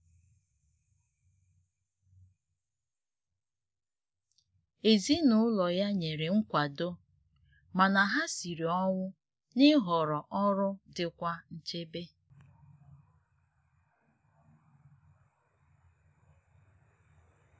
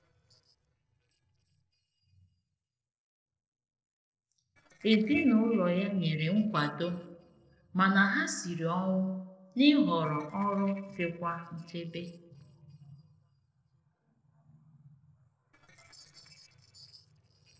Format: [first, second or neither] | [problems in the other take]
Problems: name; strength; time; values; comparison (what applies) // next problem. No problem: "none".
first | noise reduction (neural separator model SepFormer DNS4)